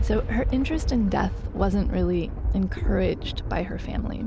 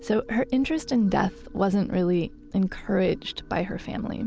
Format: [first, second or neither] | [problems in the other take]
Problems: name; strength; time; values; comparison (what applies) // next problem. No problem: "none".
second | background sound (Thunder); 1 dB below the speech